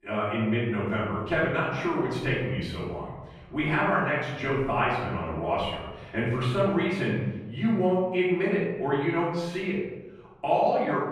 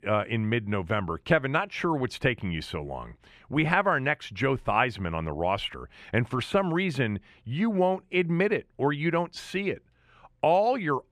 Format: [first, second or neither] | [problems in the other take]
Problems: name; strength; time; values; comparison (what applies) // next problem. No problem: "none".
second | off-mic speech; far // room echo; noticeable; dies away in 1 s